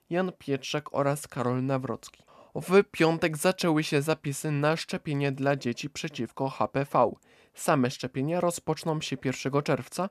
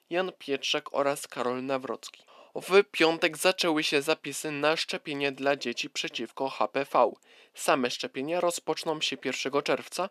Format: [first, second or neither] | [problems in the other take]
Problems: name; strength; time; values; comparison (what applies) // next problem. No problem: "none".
first | thin; somewhat; fading below 350 Hz